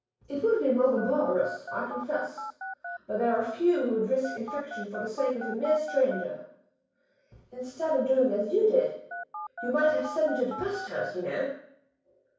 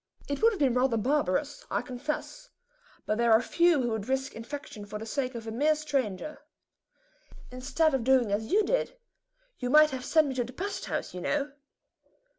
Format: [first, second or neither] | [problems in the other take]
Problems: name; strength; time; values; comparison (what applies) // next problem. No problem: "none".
second | background sound (Telephone); 10 dB below the speech // room echo; dies away in 0.6 s